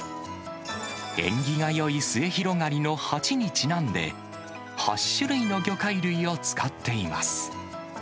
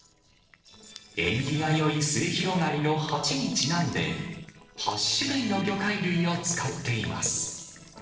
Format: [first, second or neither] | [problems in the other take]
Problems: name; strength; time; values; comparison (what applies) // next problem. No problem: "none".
first | noise reduction (neural separator model SepFormer DNS4)